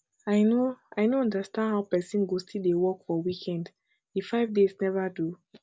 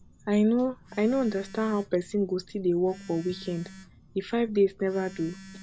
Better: first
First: none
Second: background sound (Telephone); 20 dB below the speech

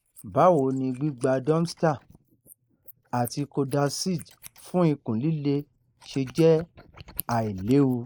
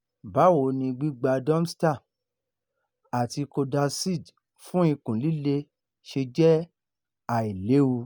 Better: second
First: noise reduction (neural mask model Resemble Enhance denoiser)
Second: none

